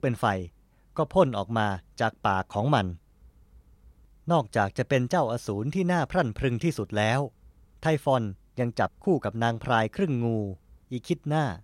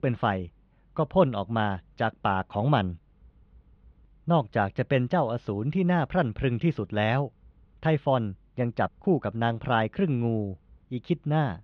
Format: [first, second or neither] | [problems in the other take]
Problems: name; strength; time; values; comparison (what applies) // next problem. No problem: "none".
first | muffled; slightly; fading above 3.5 kHz